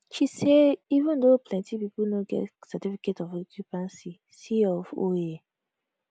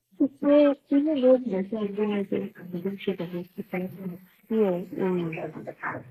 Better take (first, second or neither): first